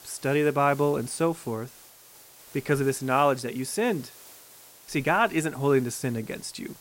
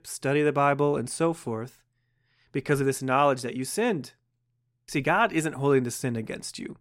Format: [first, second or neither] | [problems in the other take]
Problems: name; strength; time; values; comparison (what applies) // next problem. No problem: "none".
second | hiss; faint; throughout; 20 dB below the speech